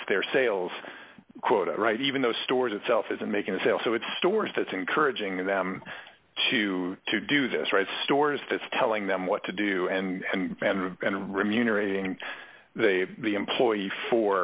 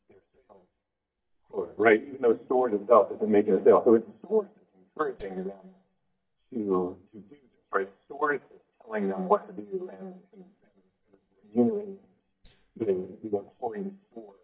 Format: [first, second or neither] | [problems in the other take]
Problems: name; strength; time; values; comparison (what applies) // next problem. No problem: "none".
first | noise reduction (neural mask model DeepFilterNet 3)